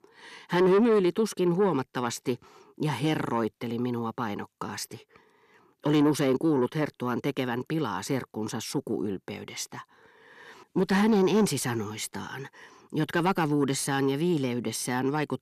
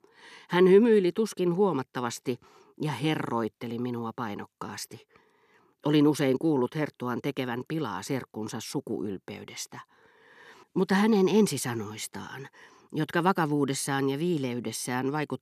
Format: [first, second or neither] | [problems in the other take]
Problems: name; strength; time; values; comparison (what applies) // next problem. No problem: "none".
second | distortion; slight; 10 dB below the speech